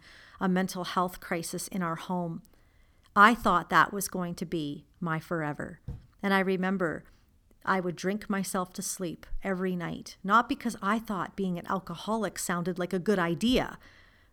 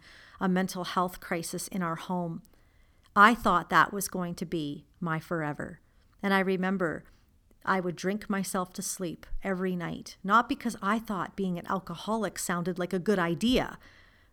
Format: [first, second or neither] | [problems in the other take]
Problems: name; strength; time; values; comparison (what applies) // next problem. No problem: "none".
second | door banging; faint; at 6 s; peak 15 dB below the speech